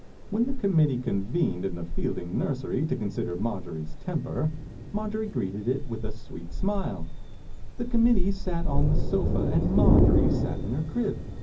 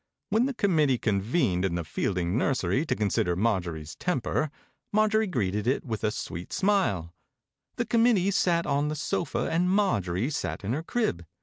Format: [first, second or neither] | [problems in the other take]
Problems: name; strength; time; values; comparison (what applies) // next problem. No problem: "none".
second | background sound (Thunder); 2 dB above the speech // room echo; dies away in 0.4 s